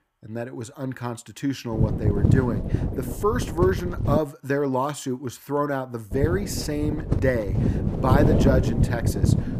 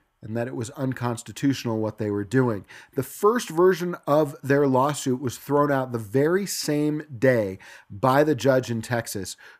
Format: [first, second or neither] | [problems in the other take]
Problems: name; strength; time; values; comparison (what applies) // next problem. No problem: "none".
second | wind noise on the microphone; heavy; from 1.5 to 4 s and from 6 s on; 4 dB below the speech